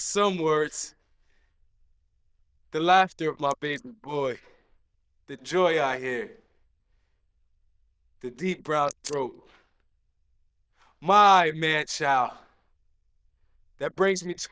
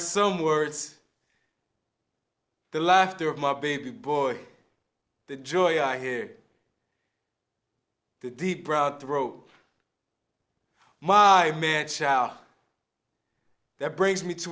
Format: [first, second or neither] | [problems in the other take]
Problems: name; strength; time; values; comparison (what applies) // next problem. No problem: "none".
second | noise reduction (neural diffusion model UNIVERSE++)